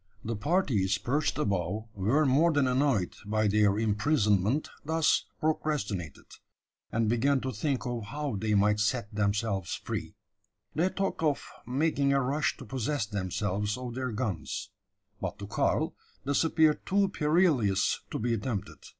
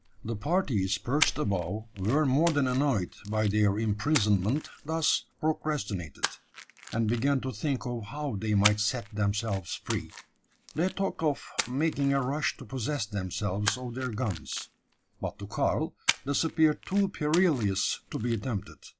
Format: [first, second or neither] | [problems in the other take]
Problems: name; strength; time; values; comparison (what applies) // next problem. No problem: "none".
first | background sound (Splash, splatter); 12 dB below the speech